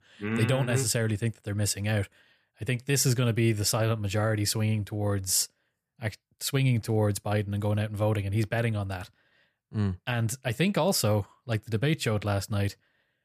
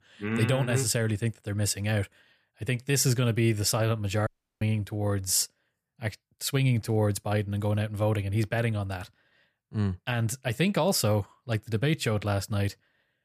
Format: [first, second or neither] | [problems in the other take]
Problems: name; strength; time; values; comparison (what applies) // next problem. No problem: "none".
first | audio cutting out; at 4.5 s